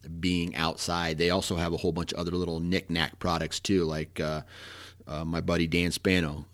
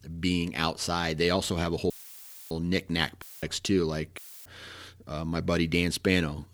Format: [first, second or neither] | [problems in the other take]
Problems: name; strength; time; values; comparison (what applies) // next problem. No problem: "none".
first | audio cutting out; filled with static; at 2 s for 0.5 s, at 3 s and at 4 s